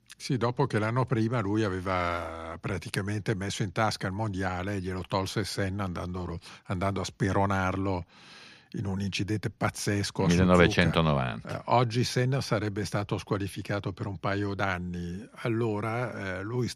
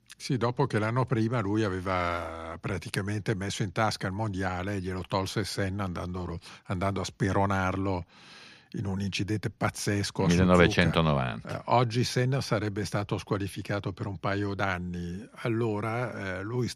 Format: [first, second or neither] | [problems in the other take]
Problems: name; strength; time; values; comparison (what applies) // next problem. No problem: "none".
neither | none